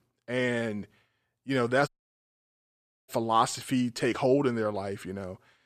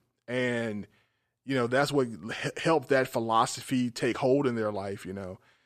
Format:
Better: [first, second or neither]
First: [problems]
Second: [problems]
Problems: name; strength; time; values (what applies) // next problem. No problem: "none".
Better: second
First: audio cutting out; at 2 s for 1 s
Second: none